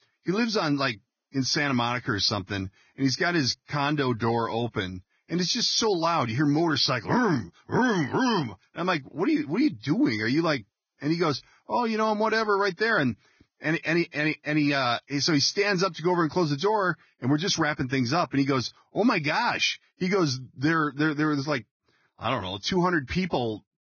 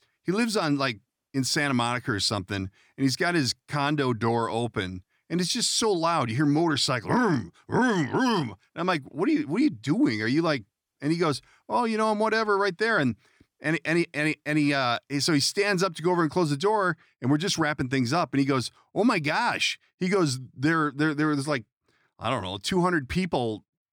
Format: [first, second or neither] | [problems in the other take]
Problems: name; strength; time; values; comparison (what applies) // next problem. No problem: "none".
second | garbled, watery; badly; nothing above 6.5 kHz